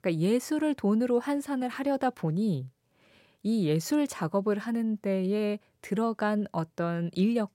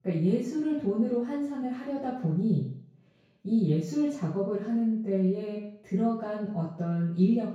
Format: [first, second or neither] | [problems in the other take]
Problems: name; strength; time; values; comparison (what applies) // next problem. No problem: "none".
first | room echo; noticeable; dies away in 0.6 s // off-mic speech; far